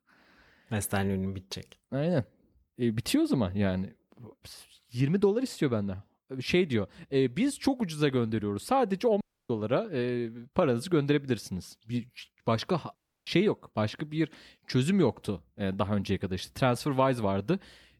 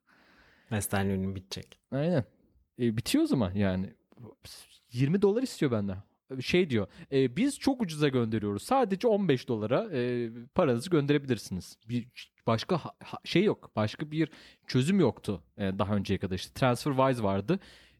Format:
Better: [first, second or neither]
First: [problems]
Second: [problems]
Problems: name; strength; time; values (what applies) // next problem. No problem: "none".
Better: second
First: audio cutting out; at 9 s and at 13 s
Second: none